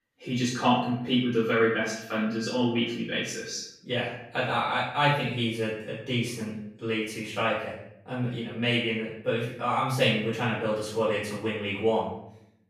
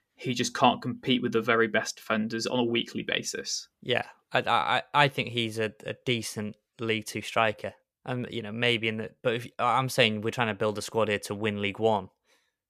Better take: second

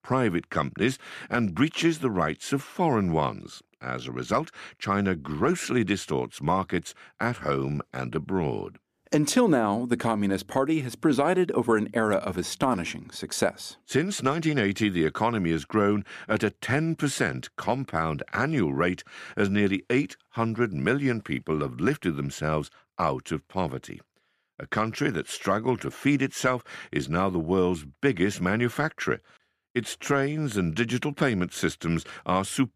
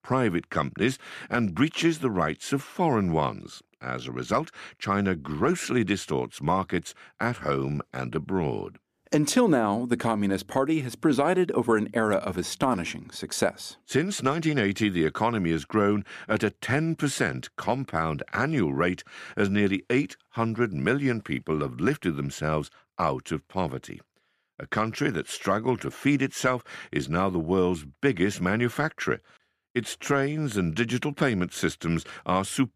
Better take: neither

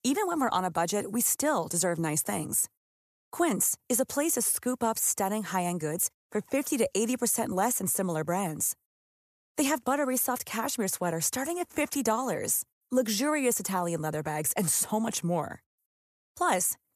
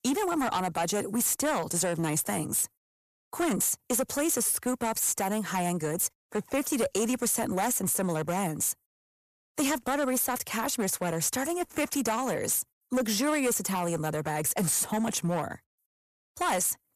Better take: first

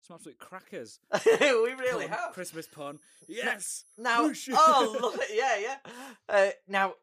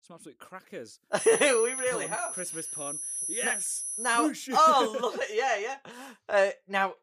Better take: first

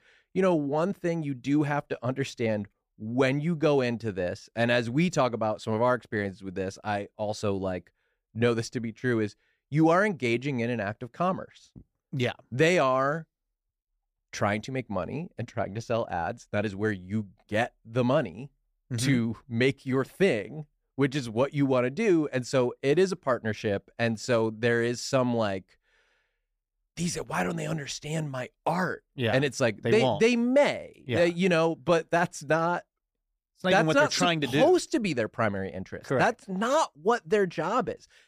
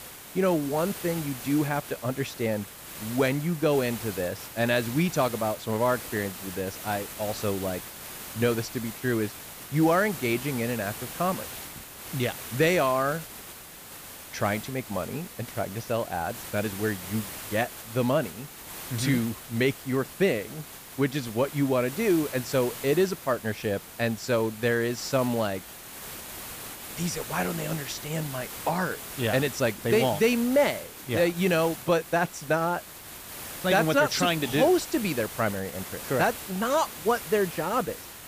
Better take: first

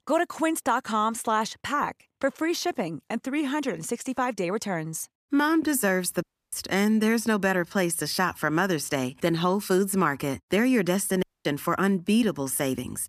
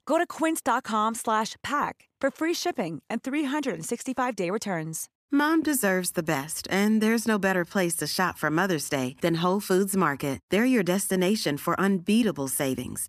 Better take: second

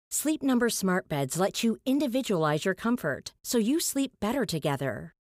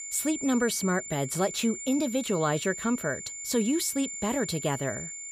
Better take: first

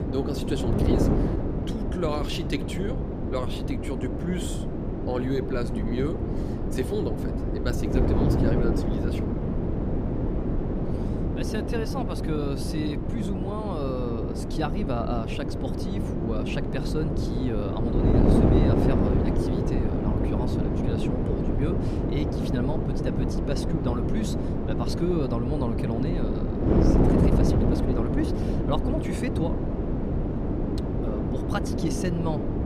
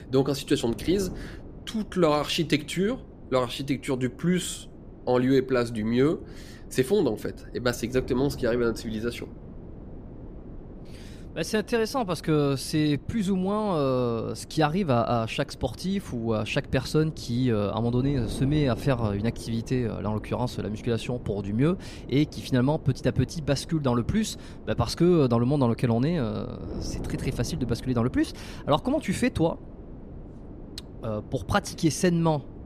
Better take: second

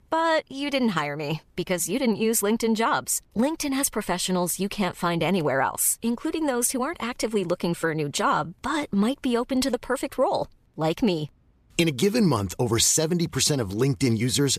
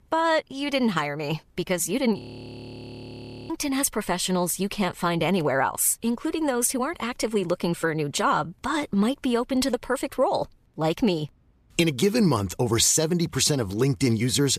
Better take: first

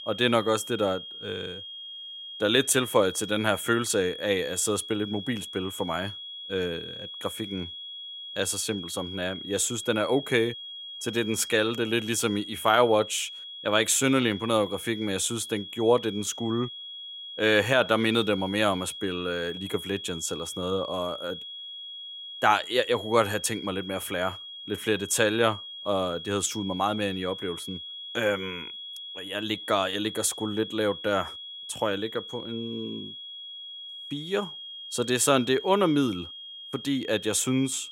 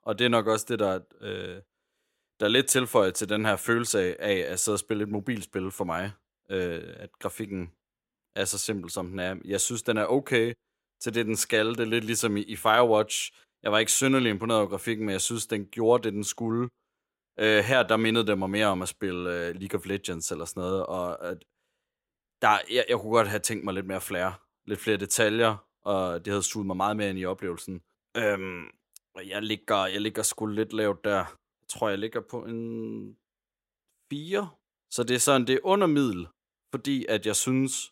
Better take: second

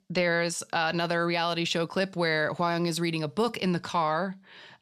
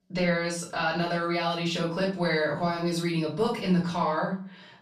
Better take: first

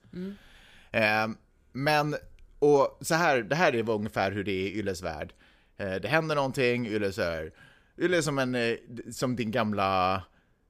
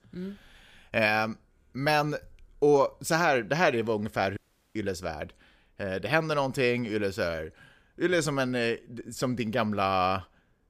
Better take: first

